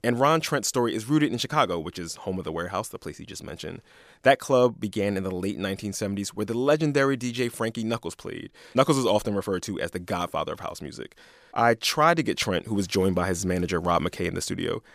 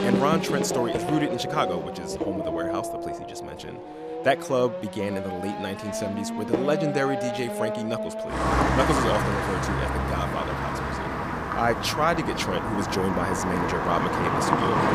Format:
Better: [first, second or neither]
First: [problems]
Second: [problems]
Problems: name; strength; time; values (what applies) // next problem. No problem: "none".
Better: first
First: none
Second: traffic noise; very loud; throughout; as loud as the speech